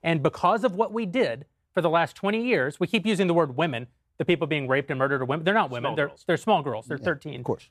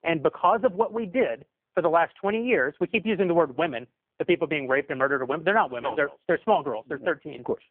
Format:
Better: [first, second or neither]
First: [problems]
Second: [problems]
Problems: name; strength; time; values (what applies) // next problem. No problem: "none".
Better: first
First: none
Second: phone-call audio; poor line